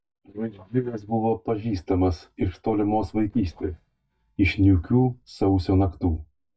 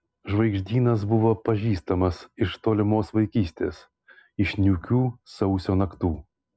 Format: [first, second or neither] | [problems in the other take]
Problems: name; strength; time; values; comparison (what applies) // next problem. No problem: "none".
second | noise reduction (neural mask model DeepFilterNet 3)